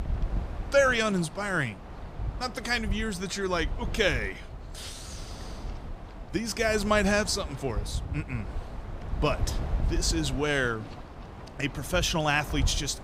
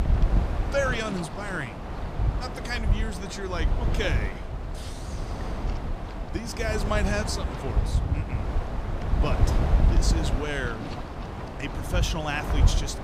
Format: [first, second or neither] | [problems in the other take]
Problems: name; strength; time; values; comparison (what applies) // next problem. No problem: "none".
first | wind noise on the microphone; heavy; 5 dB below the speech; occasional gusts in the first